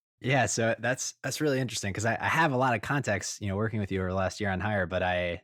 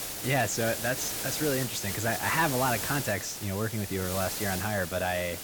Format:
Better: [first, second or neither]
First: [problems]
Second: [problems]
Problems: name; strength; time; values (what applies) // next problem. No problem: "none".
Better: first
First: none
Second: hiss; loud; throughout; 3 dB below the speech